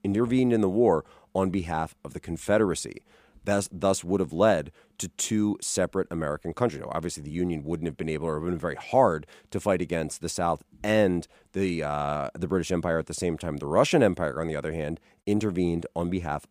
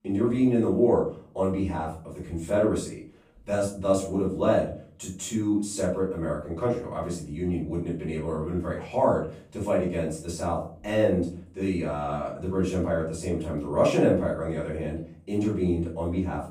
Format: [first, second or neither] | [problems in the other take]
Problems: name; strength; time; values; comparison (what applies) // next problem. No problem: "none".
first | off-mic speech; far // room echo; noticeable; dies away in 0.4 s